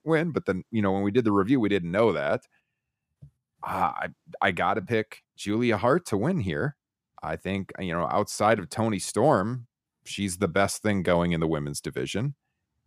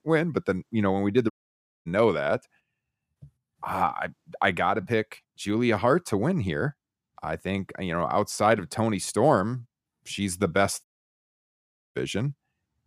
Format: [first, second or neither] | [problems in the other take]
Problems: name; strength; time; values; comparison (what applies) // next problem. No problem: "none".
first | audio cutting out; at 1.5 s for 0.5 s and at 11 s for 1 s